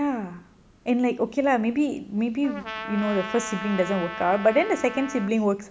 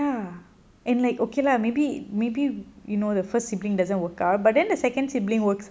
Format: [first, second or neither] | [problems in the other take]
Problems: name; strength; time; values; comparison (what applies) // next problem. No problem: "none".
second | background sound (Trumpet); 11 dB below the speech